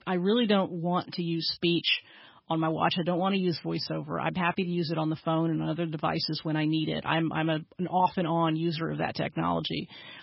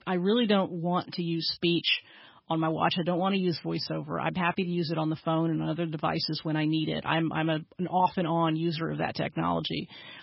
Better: neither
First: garbled, watery; badly; nothing above 5.5 kHz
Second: garbled, watery; badly; nothing above 5.5 kHz

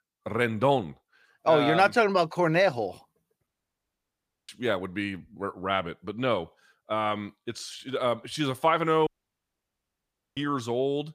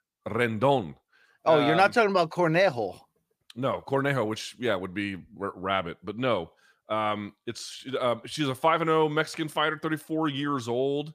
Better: second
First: audio cutting out; at 3.5 s for 1 s and at 9 s for 1.5 s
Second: none

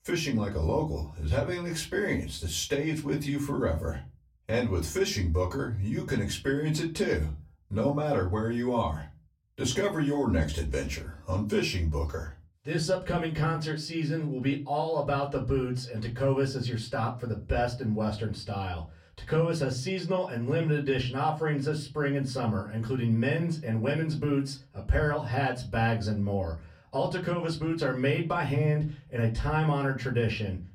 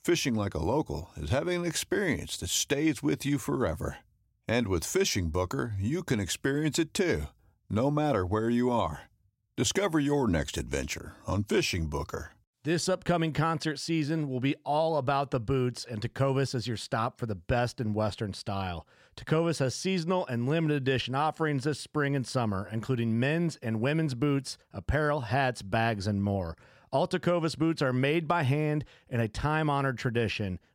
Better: second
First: off-mic speech; far // room echo; very slight; dies away in 0.3 s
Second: none

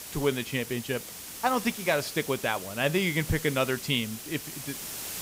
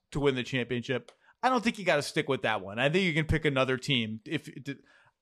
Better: second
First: hiss; loud; throughout; 9 dB below the speech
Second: none

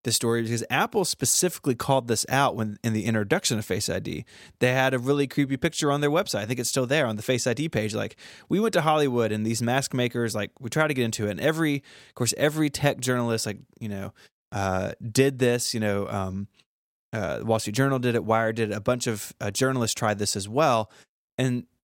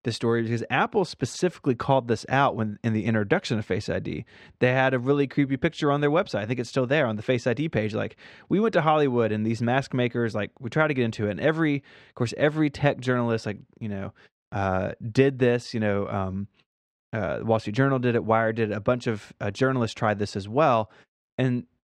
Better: first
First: none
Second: muffled; slightly; fading above 3 kHz

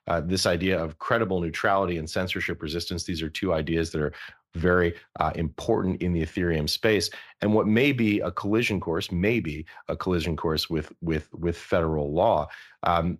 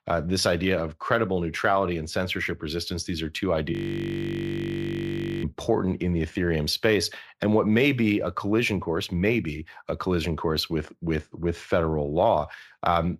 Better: first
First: none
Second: audio freezing; at 3.5 s for 1.5 s

